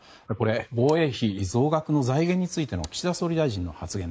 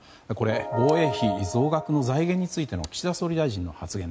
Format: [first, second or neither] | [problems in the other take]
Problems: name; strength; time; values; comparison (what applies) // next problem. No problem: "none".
second | noise reduction (neural mask model Resemble Enhance denoiser)